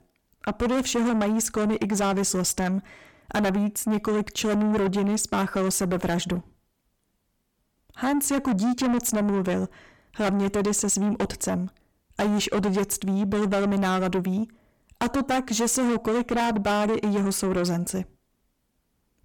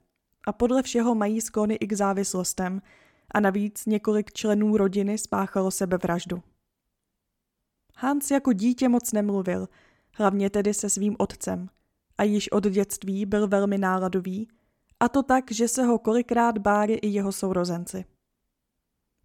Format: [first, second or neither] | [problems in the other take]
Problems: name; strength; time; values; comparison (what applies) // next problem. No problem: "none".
second | distortion; heavy; 6 dB below the speech